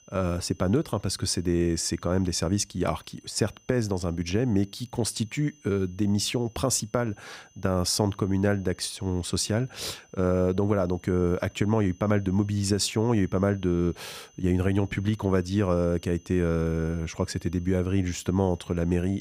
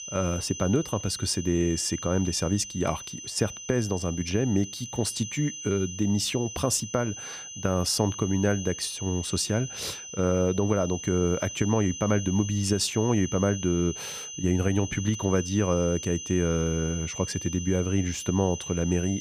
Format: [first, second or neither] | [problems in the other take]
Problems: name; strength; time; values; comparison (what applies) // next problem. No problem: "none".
first | high-pitched whine; loud; throughout; 6 kHz, 9 dB below the speech; faint in the first